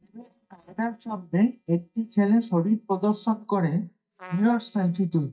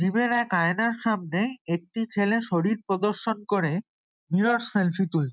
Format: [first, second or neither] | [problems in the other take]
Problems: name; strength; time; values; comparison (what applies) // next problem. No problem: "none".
second | noise reduction (neural mask model DeepFilterNet 3)